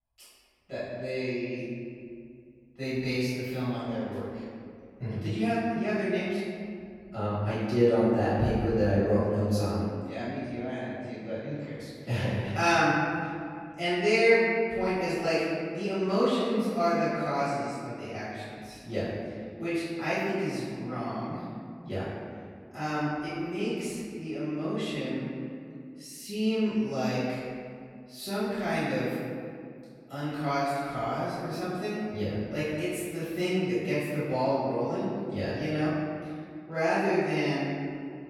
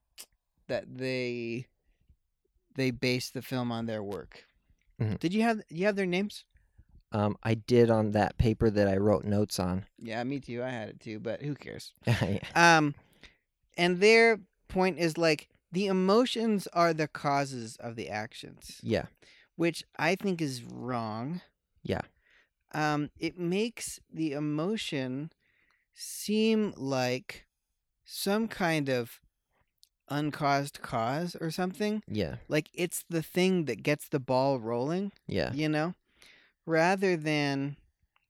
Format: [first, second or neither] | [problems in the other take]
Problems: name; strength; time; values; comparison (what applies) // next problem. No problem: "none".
second | room echo; strong; dies away in 2.1 s // off-mic speech; far